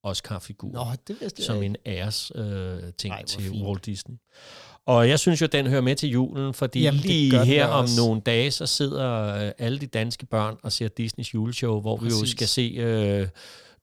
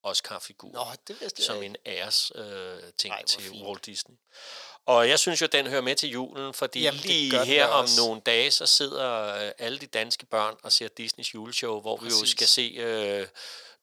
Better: first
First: none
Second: thin; very; fading below 550 Hz

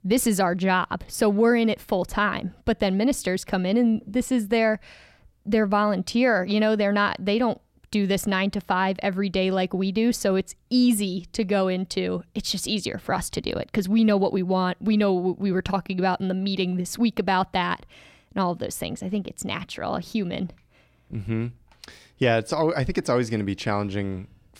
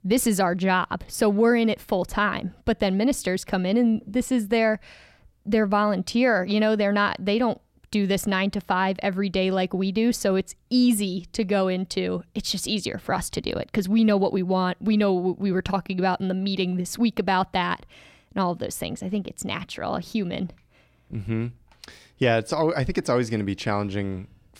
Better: neither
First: none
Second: none

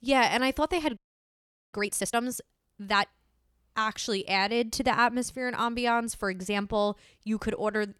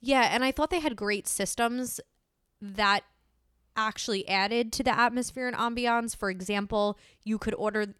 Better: second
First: audio freezing; at 1 s for 1 s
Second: none

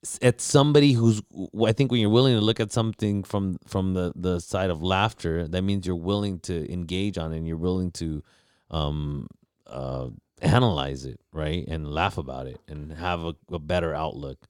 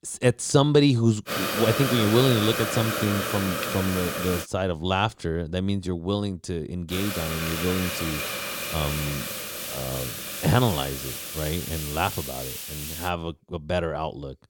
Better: first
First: none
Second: hiss; loud; from 1.5 to 4.5 s and from 7 to 13 s; 3 dB below the speech

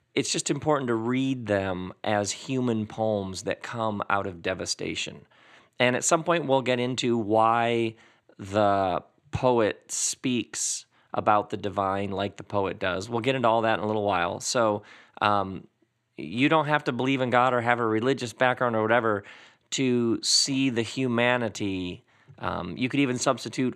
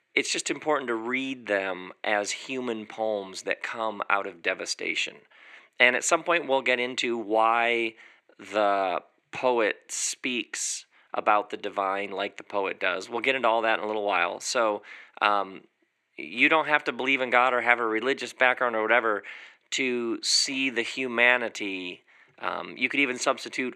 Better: first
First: none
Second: thin; somewhat; fading below 350 Hz

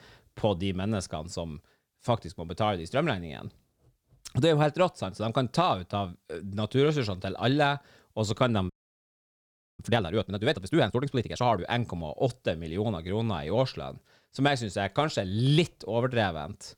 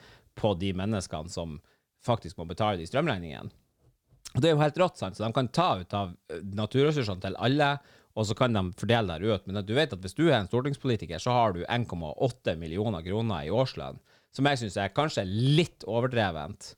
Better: second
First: audio freezing; at 8.5 s for 1 s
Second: none

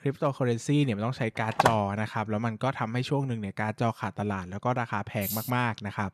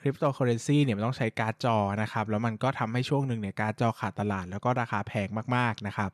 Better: second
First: phone ringing; loud; at 1.5 s; peak 3 dB above the speech // jangling keys; noticeable; at 5 s; peak 4 dB below the speech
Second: none

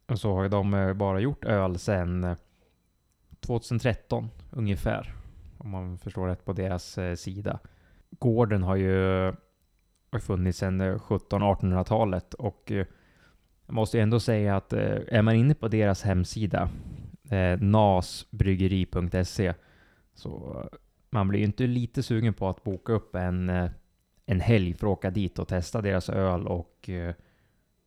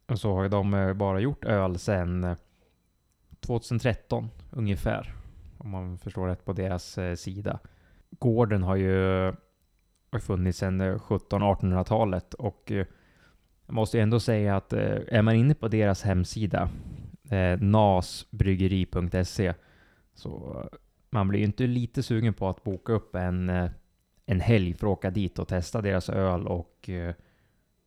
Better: neither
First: none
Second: none

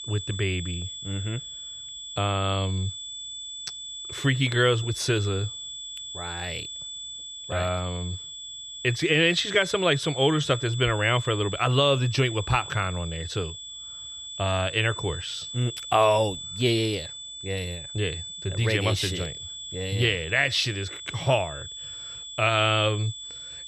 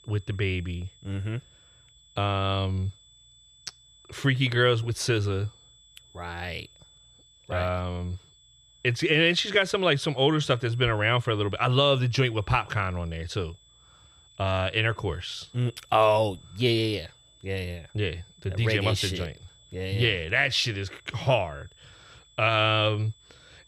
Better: second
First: high-pitched whine; loud; throughout; 3.5 kHz, 10 dB below the speech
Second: high-pitched whine; faint; throughout; 3.5 kHz, 30 dB below the speech

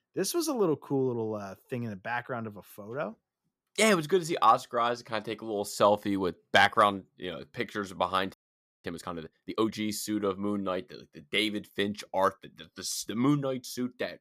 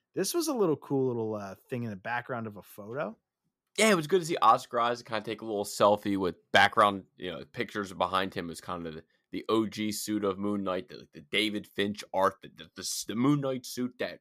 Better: second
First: audio freezing; at 8.5 s for 0.5 s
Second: none

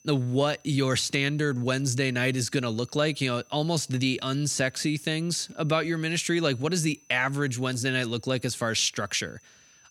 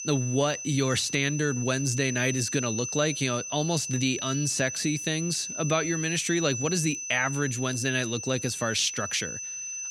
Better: first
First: high-pitched whine; faint; throughout; 6 kHz, 30 dB below the speech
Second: high-pitched whine; loud; throughout; 6 kHz, 6 dB below the speech

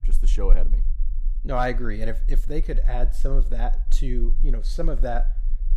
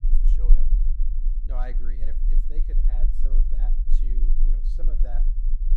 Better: first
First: low rumble; faint; throughout; 25 dB below the speech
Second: low rumble; loud; throughout; 5 dB below the speech

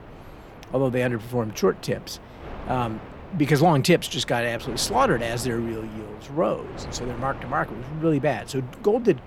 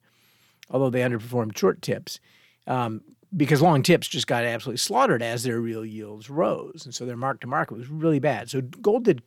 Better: second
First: wind noise on the microphone; occasional gusts; 15 dB below the speech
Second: none

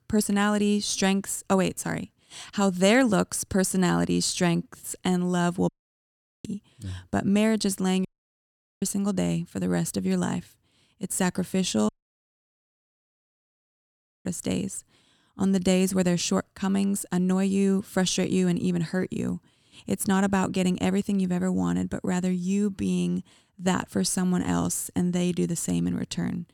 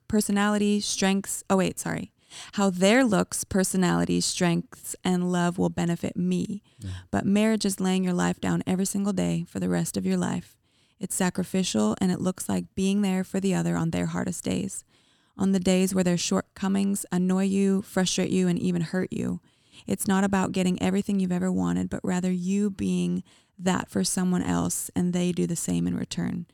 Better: second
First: audio cutting out; at 5.5 s for 1 s, at 8 s for 1 s and at 12 s for 2.5 s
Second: none

